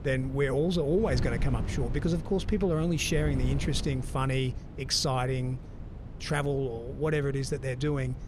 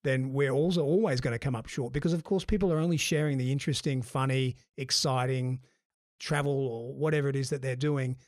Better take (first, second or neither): second